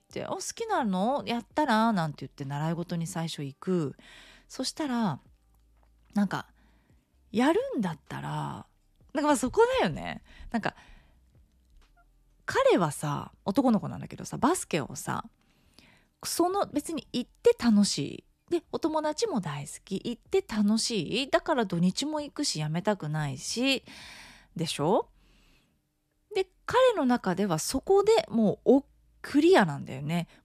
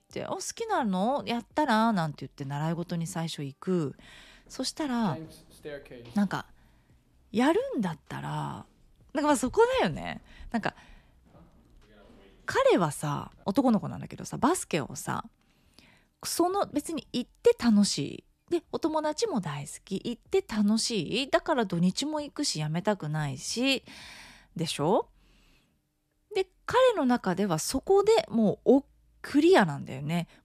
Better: first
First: none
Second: footsteps; faint; from 4 to 13 s; peak 15 dB below the speech

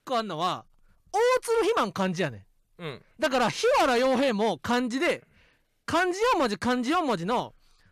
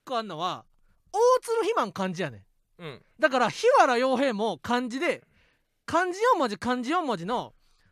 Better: second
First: distortion; heavy; 10% of the sound clipped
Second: none

